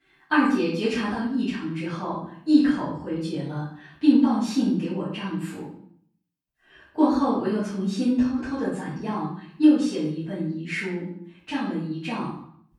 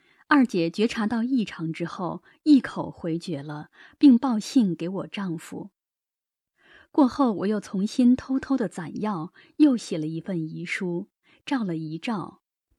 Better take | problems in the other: second | off-mic speech; far // room echo; noticeable; dies away in 0.5 s

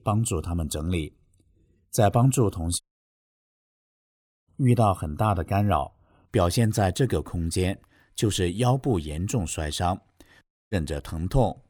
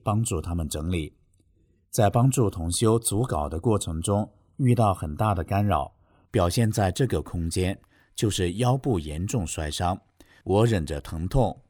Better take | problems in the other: second | audio cutting out; at 3 s for 1.5 s and at 10 s

